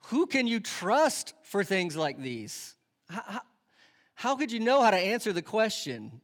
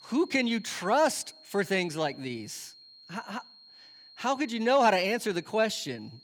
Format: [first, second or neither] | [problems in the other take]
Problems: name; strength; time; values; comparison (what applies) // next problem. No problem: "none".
first | high-pitched whine; faint; throughout; 4 kHz, 25 dB below the speech